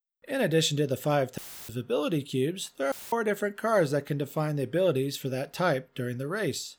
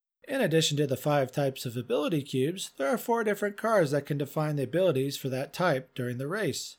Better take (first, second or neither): second